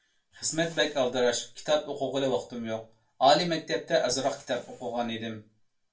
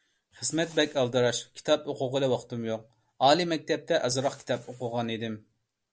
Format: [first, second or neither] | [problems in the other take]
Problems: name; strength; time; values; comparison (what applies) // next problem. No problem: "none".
second | room echo; dies away in 0.2 s